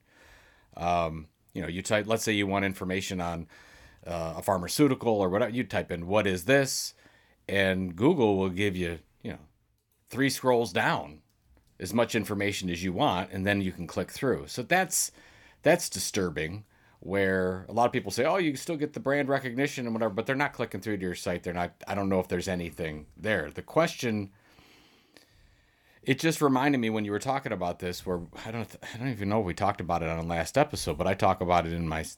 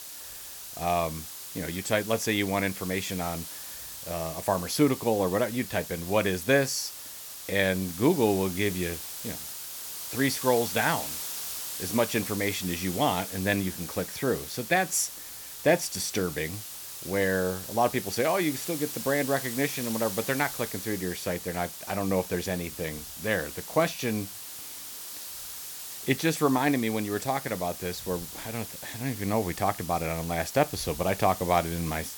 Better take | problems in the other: first | hiss; loud; throughout; 8 dB below the speech

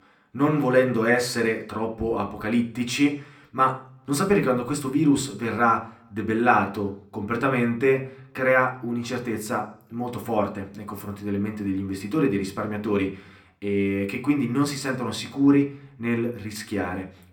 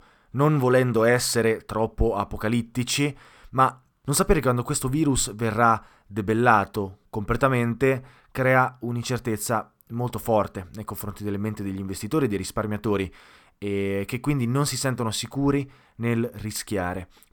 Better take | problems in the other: second | room echo; very slight; dies away in 0.4 s

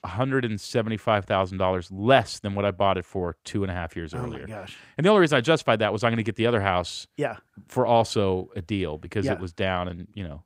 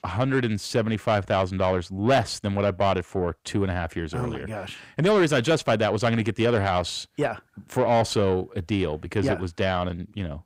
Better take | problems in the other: first | distortion; slight; 10 dB below the speech

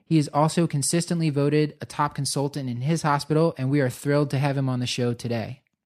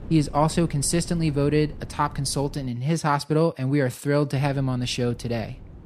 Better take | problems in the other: first | wind noise on the microphone; occasional gusts; until 2.5 s and from 4.5 s on; 25 dB below the speech

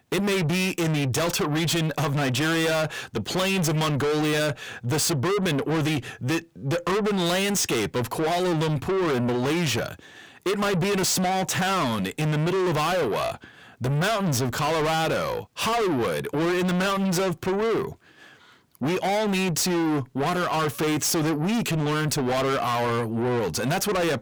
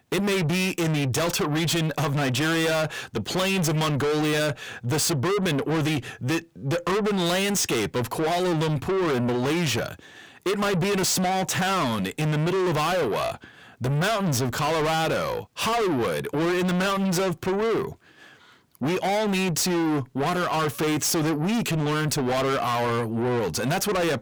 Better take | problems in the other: neither | distortion; heavy; 6 dB below the speech; the same in both

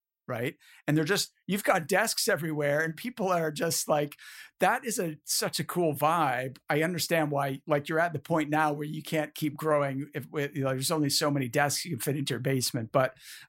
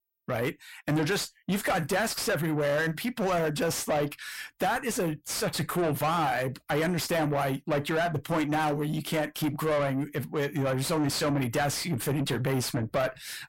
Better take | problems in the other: first | distortion; heavy; 6 dB below the speech

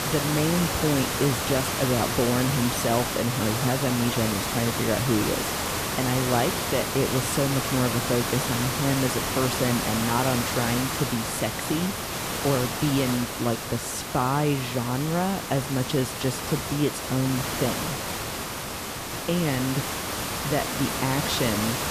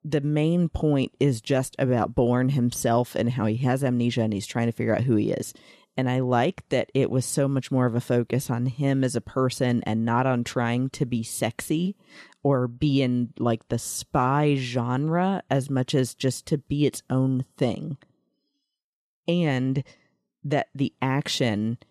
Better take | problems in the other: second | hiss; loud; throughout; 1 dB below the speech

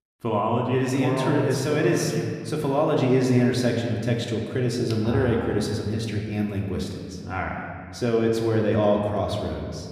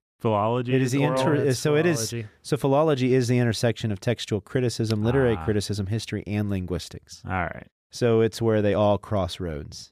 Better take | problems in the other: second | room echo; noticeable; dies away in 1.8 s // off-mic speech; somewhat distant

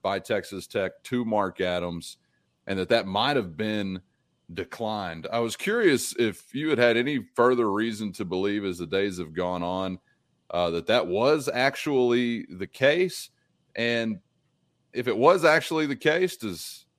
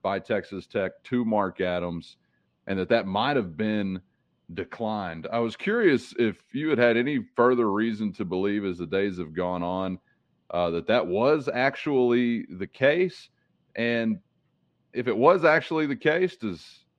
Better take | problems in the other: first | muffled; slightly; fading above 3 kHz

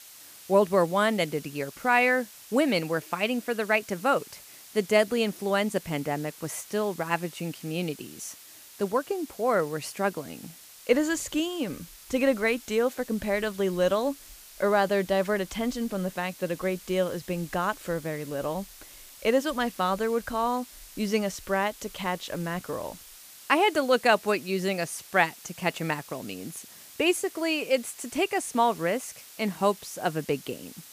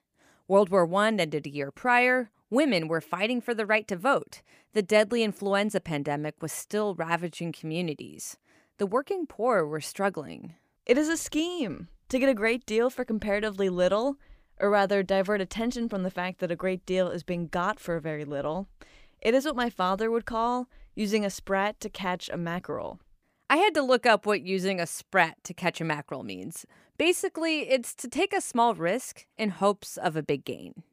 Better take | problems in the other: second | hiss; noticeable; throughout; 20 dB below the speech

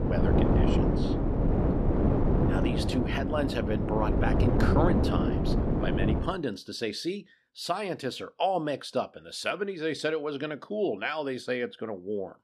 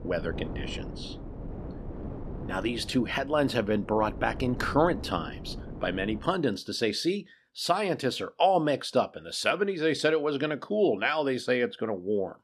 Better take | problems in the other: second | wind noise on the microphone; heavy; until 6 s; as loud as the speech; occasional gusts in the second

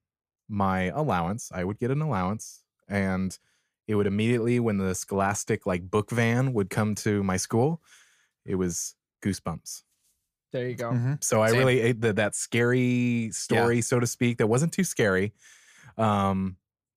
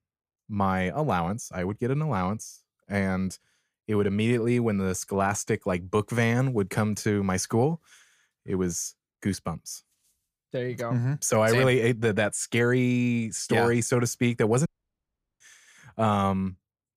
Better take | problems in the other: first | audio cutting out; at 15 s for 0.5 s

